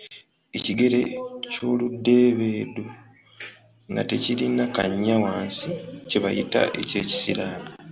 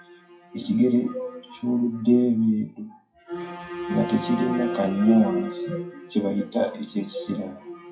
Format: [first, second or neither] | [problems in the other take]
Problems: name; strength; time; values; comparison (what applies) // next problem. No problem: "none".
first | noise reduction (classical method WPE with log-MMSE)